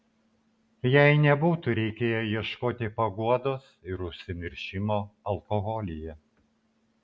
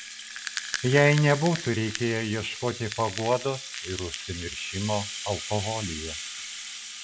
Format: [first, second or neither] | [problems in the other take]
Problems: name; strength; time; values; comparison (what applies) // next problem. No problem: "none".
first | background sound (Rattle (instrument)); 9 dB below the speech